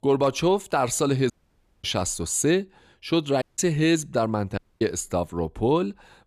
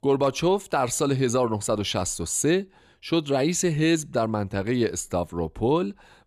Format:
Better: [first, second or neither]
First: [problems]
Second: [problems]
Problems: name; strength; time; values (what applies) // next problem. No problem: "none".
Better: second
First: audio cutting out; at 1.5 s for 0.5 s, at 3.5 s and at 4.5 s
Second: none